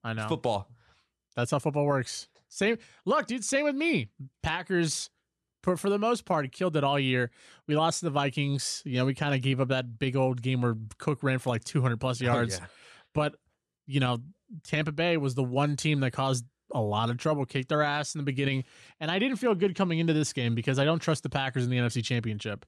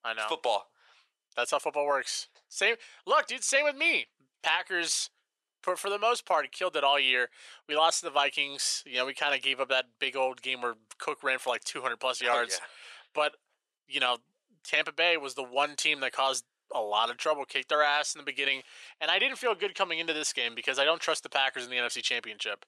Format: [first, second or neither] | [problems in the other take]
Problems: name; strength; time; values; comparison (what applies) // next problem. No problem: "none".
first | thin; very; fading below 550 Hz